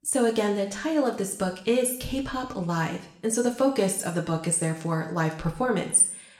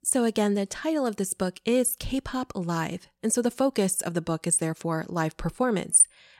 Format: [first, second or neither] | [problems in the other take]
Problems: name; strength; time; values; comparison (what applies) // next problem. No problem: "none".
second | room echo; slight; dies away in 0.6 s // off-mic speech; somewhat distant